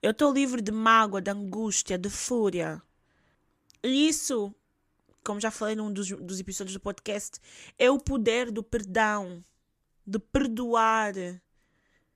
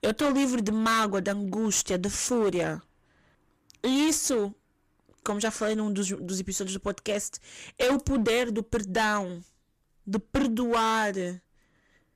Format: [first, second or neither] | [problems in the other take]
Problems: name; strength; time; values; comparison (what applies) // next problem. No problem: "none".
first | distortion; heavy; 11% of the sound clipped